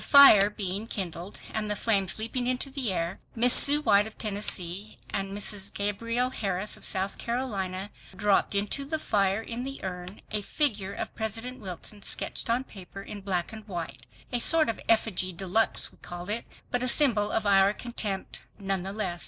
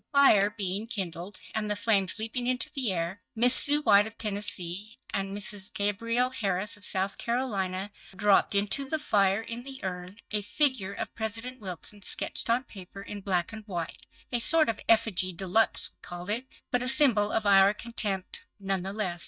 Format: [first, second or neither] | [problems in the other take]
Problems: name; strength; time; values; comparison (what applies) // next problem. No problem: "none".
first | noise reduction (neural mask model DeepFilterNet 3)